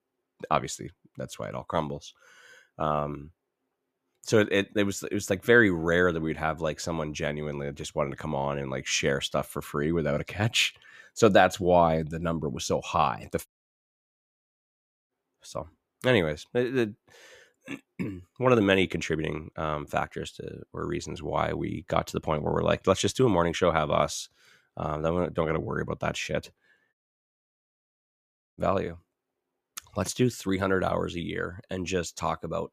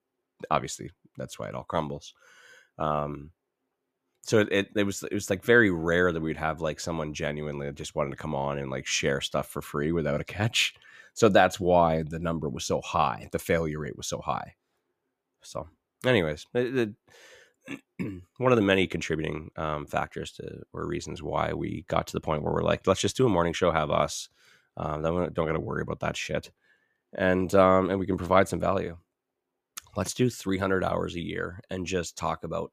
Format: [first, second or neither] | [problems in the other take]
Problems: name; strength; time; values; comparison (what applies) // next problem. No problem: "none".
second | audio cutting out; at 13 s for 1.5 s and at 27 s for 1.5 s